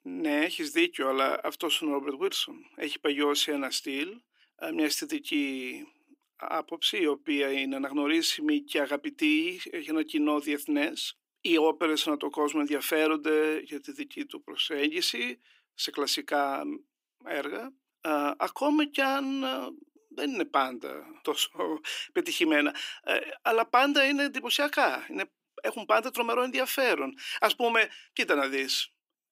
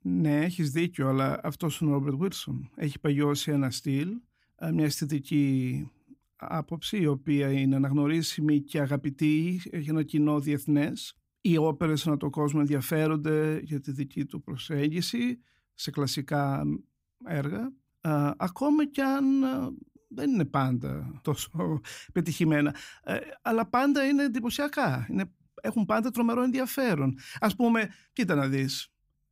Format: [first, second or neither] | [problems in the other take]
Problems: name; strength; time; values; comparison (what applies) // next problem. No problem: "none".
second | thin; somewhat; fading below 350 Hz